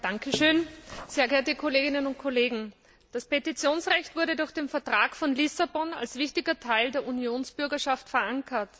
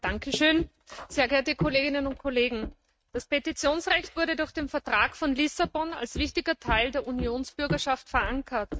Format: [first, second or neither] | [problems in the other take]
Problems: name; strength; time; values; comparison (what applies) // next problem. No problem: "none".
first | noise reduction (neural mask model RNNoise)